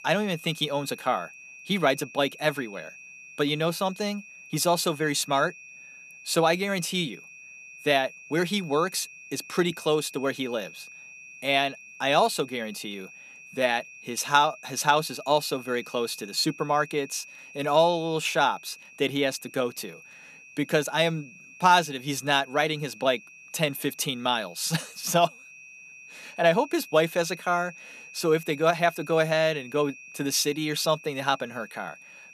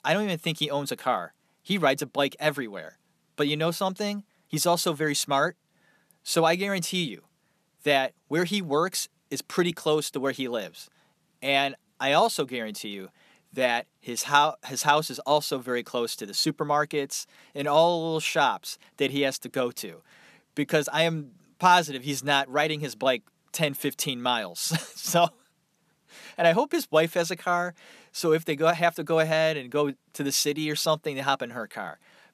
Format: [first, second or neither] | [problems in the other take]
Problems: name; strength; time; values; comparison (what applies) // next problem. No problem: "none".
second | high-pitched whine; noticeable; throughout; 2.5 kHz, 20 dB below the speech